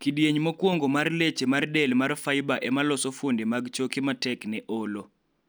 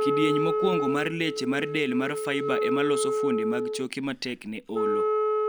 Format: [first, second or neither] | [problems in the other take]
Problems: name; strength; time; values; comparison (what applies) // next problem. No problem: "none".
first | background sound (Wind instrument, woodwind instrument); 2 dB above the speech